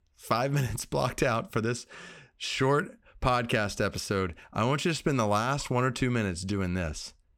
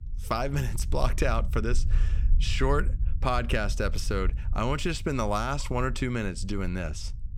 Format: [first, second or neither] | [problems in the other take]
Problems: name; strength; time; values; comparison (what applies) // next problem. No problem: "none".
first | low rumble; faint; throughout; 20 dB below the speech